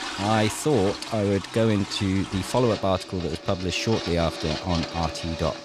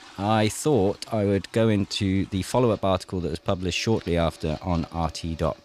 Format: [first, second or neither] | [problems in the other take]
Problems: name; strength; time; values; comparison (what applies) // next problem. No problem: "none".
second | household noises; loud; throughout; 9 dB below the speech; faint in the second